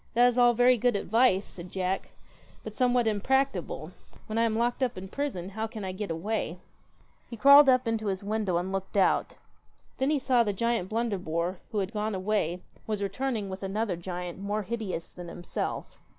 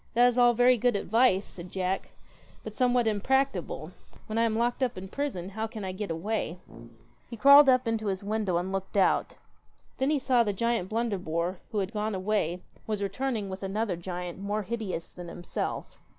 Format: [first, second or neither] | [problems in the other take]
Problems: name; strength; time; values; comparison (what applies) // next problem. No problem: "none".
first | background sound (Brass instrument); 18 dB below the speech